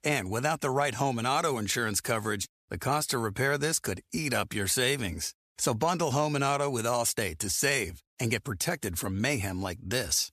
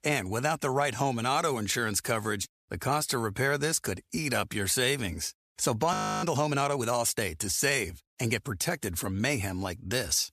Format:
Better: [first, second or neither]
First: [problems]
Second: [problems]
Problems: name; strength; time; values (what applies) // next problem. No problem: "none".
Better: first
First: none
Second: audio freezing; at 6 s